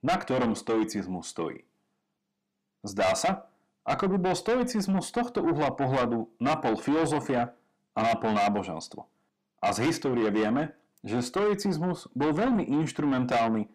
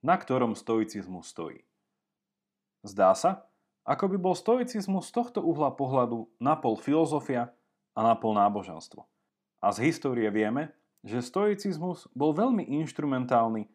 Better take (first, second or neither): second